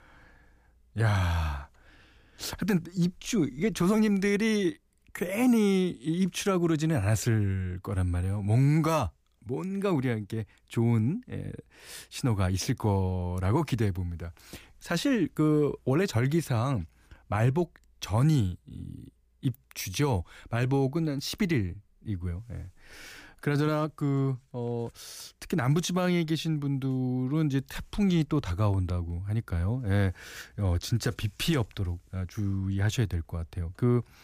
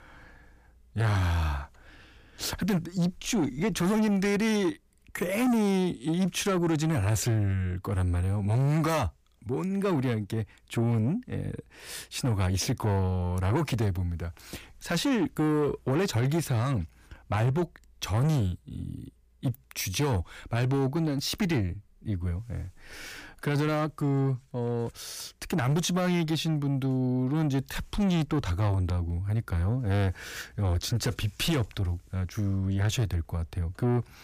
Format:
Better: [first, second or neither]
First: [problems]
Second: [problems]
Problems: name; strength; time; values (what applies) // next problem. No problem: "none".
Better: first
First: none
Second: distortion; slight; 10 dB below the speech